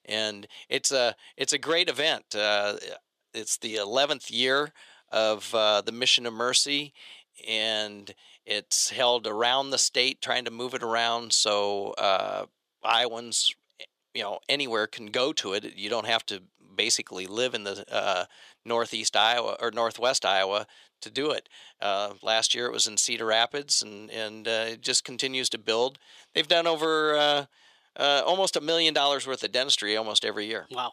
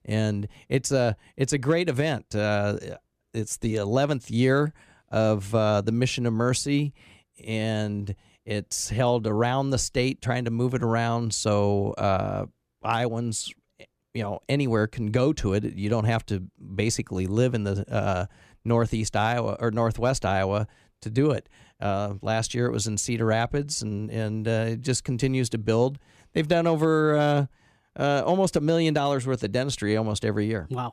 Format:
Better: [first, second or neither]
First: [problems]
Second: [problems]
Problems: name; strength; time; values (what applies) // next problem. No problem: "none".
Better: second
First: thin; very; fading below 550 Hz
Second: none